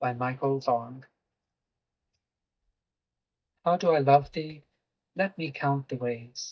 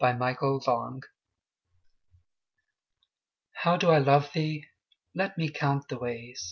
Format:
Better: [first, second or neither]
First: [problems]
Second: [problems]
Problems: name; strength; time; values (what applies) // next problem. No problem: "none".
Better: second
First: noise reduction (neural mask model DeepFilterNet 3)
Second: none